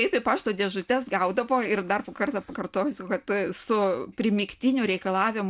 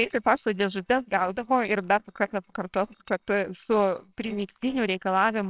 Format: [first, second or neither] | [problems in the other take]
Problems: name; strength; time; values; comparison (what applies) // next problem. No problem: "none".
first | noise reduction (neural separator model SepFormer WHAMR!)